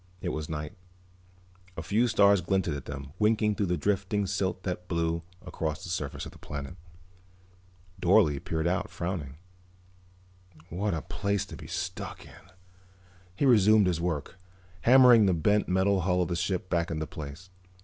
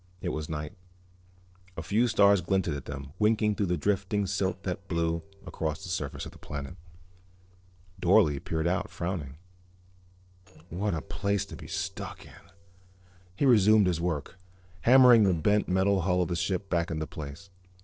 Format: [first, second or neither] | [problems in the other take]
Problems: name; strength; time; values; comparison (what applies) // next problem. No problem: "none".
first | noise reduction (neural separator model SepFormer DNS4)